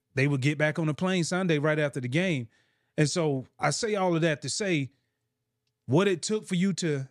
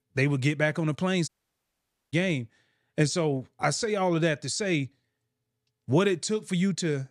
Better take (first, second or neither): first